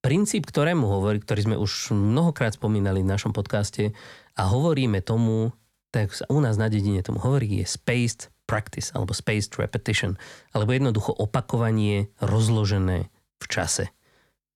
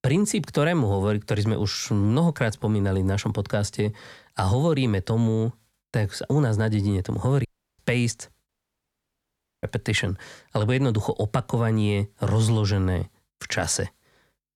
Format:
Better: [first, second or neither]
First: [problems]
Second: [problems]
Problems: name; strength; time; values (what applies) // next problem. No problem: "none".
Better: first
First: none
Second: audio cutting out; at 7.5 s and at 8.5 s for 1 s